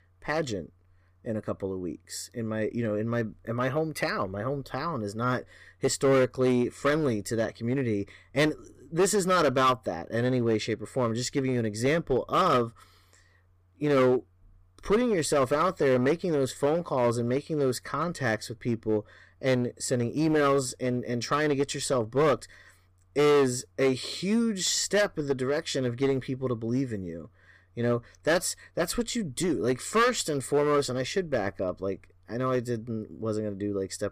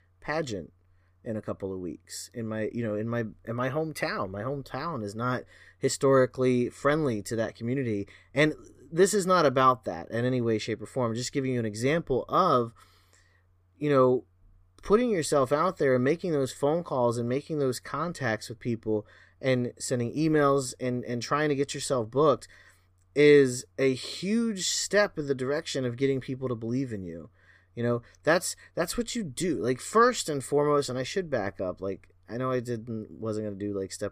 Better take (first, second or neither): second